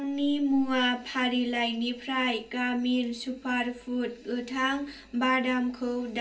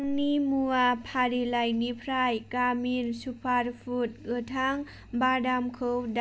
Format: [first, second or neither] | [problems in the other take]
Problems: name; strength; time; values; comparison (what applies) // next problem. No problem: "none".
second | room echo; dies away in 0.3 s